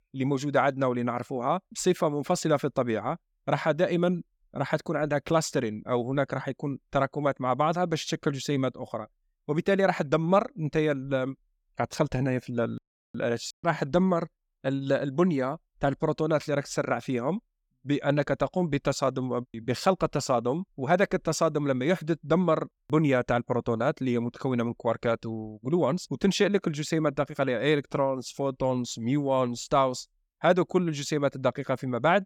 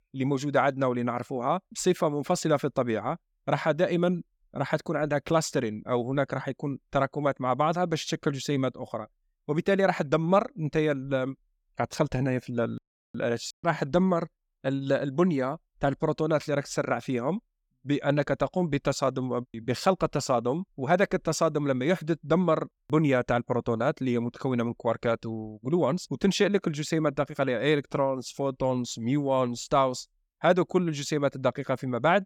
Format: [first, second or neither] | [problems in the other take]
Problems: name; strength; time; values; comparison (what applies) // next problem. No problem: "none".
neither | none